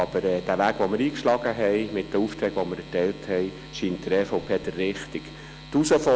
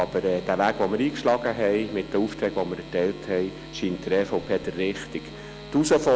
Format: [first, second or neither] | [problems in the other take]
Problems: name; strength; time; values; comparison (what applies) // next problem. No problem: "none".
first | background sound (Wind instrument, woodwind instrument); 20 dB below the speech